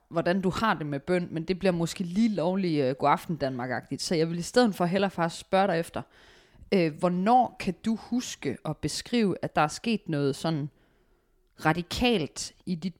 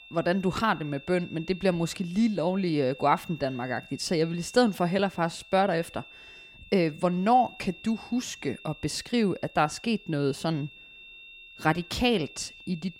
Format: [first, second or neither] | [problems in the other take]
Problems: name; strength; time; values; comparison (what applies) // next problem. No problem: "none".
first | high-pitched whine; noticeable; throughout; 2.5 kHz, 20 dB below the speech